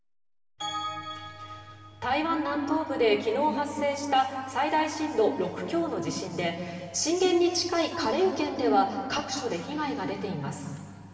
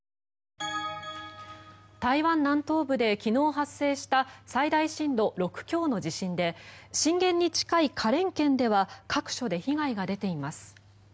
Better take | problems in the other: second | room echo; dies away in 2.8 s

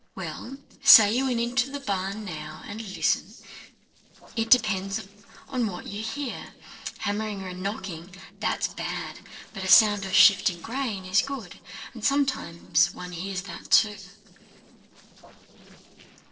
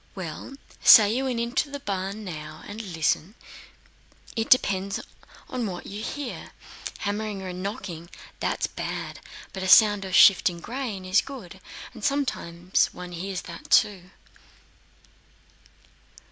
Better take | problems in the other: second | noise reduction (neural separator model SepFormer DNS4)

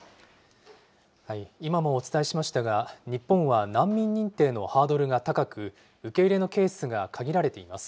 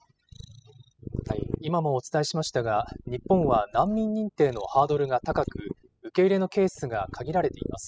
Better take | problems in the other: first | noise reduction (classical method spectral subtraction)

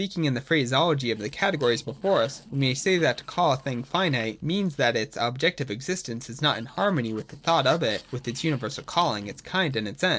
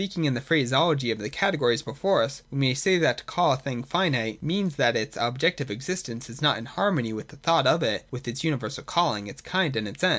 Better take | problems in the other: second | noise reduction (neural separator model SepFormer DNS4)

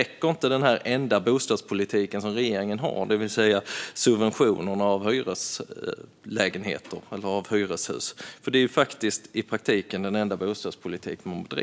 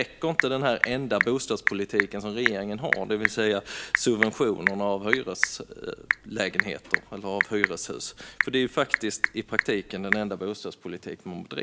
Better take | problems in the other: first | background sound (Telephone / Typing); 2 dB below the speech

